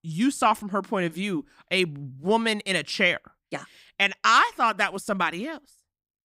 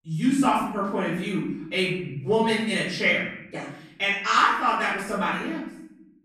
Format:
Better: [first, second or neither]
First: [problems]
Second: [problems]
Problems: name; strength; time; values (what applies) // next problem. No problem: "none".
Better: first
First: none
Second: off-mic speech; far // room echo; noticeable; dies away in 0.9 s